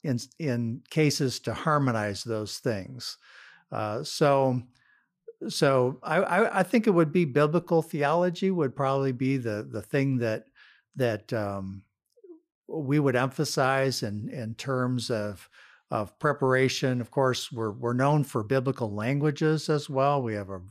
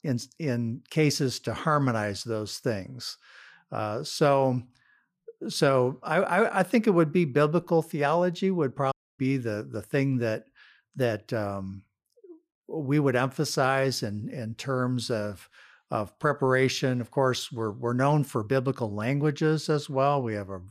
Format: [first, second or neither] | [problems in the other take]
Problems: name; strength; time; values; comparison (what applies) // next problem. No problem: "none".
first | audio cutting out; at 9 s